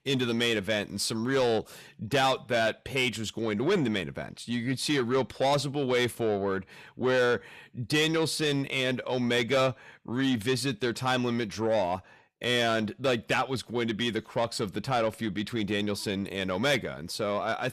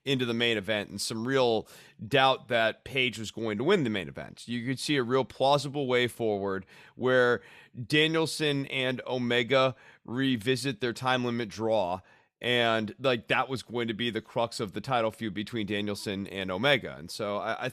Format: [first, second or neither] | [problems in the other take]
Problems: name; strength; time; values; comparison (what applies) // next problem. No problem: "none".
second | distortion; slight; 10 dB below the speech